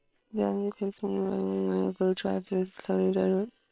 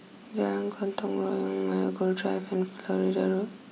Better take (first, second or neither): second